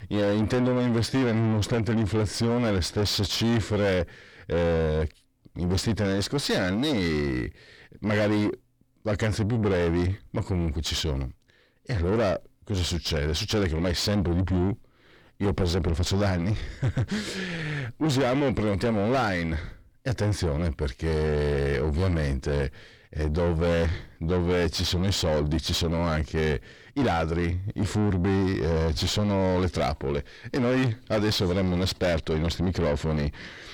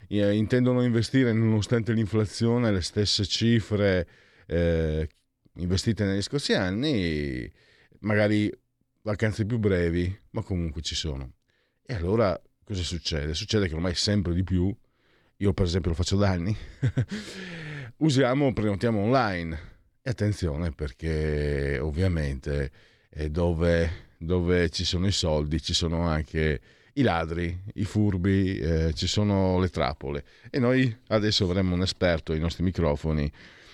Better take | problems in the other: second | distortion; heavy; 6 dB below the speech

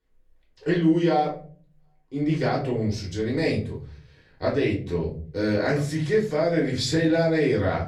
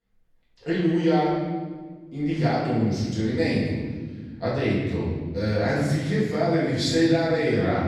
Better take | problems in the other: first | room echo; strong; dies away in 1.8 s; slight in the first // off-mic speech; far; far in the first

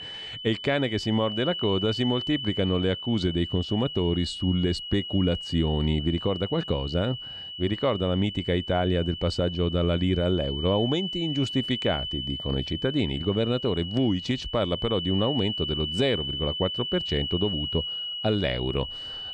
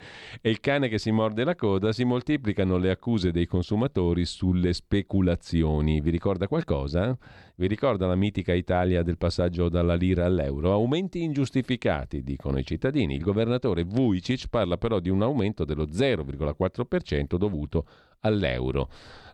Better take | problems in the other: second | high-pitched whine; loud; throughout; 3 kHz, 6 dB below the speech

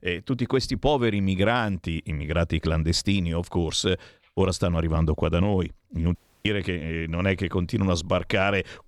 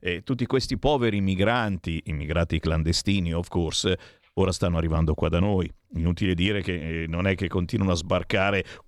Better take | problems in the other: second | audio cutting out; at 6 s

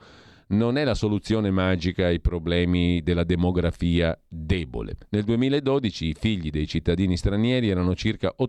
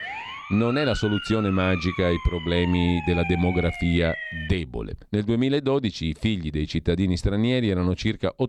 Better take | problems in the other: first | siren; noticeable; until 4.5 s; peak 7 dB below the speech

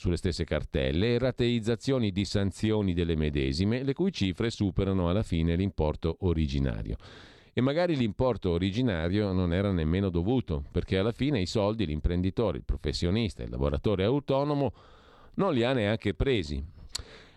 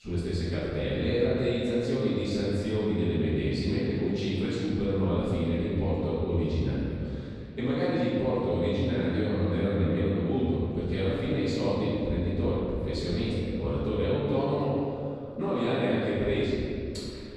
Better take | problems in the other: first | off-mic speech; far // room echo; strong; dies away in 2.1 s

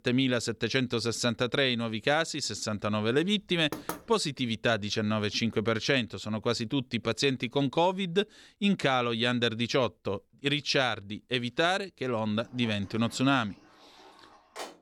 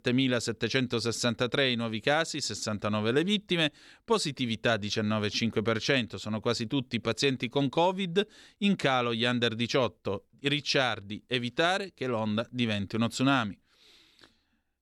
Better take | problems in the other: second | door banging; noticeable; at 3.5 s; peak 9 dB below the speech // door banging; faint; from 12 s on; peak 15 dB below the speech

